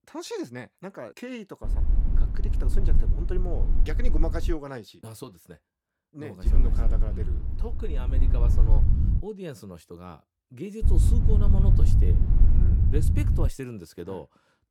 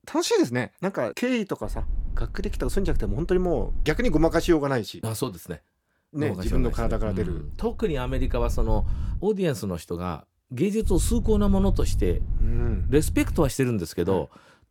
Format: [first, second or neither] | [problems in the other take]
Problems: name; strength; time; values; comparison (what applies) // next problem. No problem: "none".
second | low rumble; loud; from 1.5 to 4.5 s, from 6.5 to 9 s and from 11 to 13 s; 3 dB below the speech; faint in the second